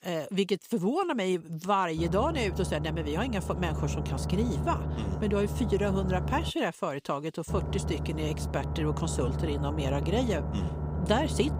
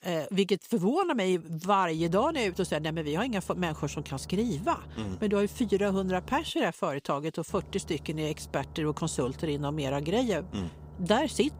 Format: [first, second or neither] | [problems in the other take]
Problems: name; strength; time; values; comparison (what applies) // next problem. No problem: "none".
second | low rumble; loud; from 2 to 6.5 s and from 7.5 s on; 10 dB below the speech; faint in the second